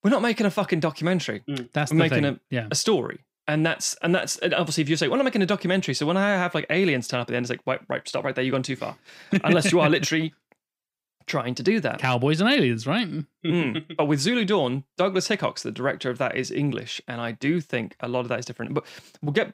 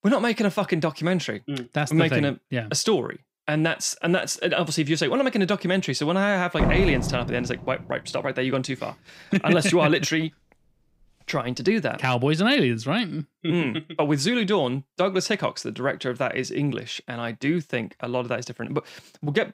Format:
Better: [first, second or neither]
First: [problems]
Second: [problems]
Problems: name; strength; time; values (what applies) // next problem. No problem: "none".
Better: first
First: none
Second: door banging; loud; from 6.5 to 8 s; peak 1 dB above the speech